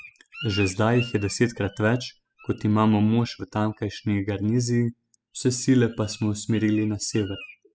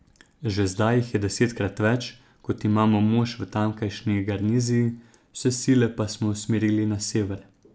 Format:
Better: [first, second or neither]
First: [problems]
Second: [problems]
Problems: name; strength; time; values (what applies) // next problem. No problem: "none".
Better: second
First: noise reduction (classical method spectral subtraction)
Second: none